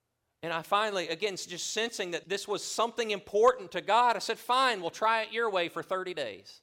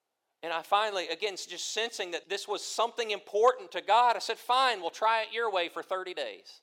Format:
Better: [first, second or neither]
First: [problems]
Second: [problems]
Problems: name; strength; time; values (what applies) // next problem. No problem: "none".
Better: first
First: none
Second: thin; somewhat; fading below 400 Hz